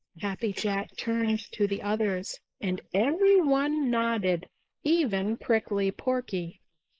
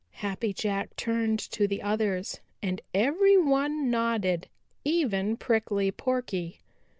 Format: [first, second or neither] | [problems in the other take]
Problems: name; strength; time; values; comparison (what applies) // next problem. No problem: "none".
second | noise reduction (neural mask model Resemble Enhance denoiser)